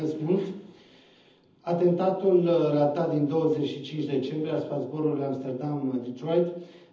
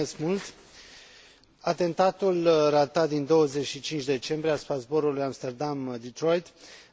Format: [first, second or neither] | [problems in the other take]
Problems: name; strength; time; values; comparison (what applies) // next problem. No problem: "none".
second | room echo; dies away in 0.8 s